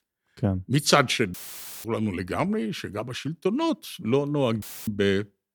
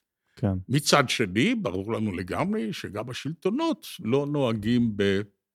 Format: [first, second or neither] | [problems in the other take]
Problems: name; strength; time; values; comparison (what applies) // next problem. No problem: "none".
second | audio cutting out; filled with static; at 1.5 s for 0.5 s and at 4.5 s